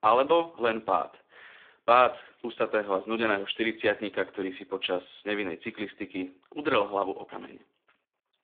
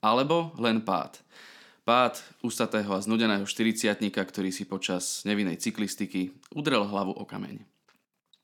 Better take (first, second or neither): second